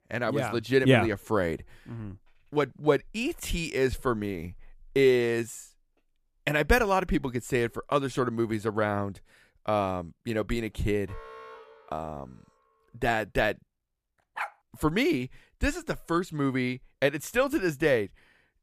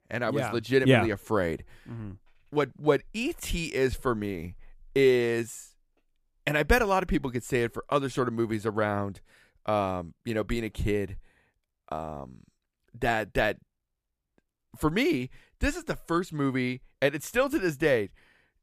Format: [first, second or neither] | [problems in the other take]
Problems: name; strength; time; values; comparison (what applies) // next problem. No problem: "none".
second | alarm; faint; from 11 to 12 s; peak 15 dB below the speech // dog barking; noticeable; at 14 s; peak 9 dB below the speech